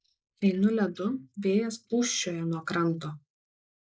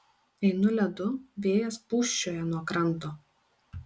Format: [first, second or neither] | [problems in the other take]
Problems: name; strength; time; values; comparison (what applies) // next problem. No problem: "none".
second | noise reduction (neural mask model Resemble Enhance denoiser)